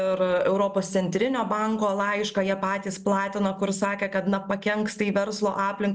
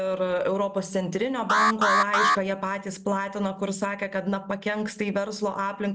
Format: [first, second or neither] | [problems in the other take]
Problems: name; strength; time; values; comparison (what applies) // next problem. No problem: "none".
first | background sound (Alarm); 3 dB above the speech